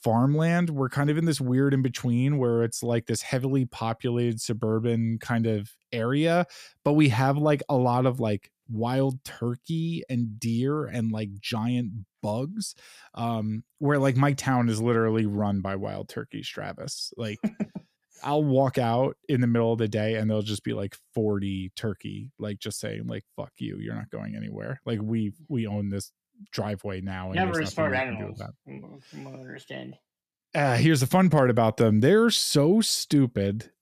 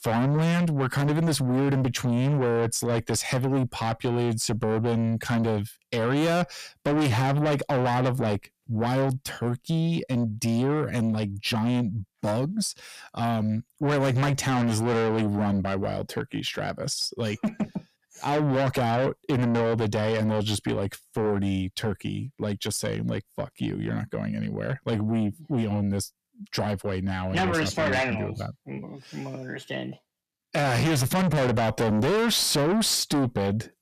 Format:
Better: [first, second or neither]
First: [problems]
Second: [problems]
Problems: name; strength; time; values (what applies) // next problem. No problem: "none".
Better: first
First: none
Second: distortion; heavy; 6 dB below the speech